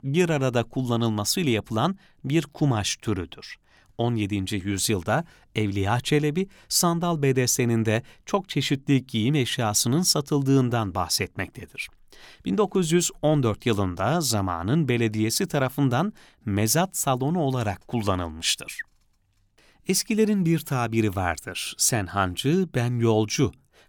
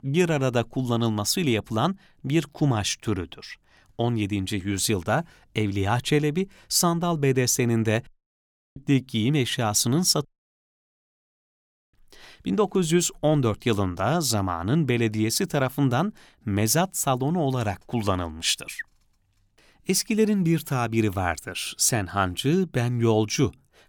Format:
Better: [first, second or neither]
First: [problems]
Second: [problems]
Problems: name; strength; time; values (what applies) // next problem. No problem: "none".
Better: first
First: none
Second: audio cutting out; at 8 s for 0.5 s and at 10 s for 1.5 s